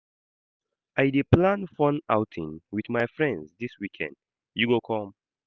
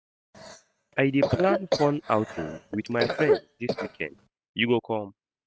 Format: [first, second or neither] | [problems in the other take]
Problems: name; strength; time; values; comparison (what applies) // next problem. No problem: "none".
first | noise reduction (neural mask model RNNoise)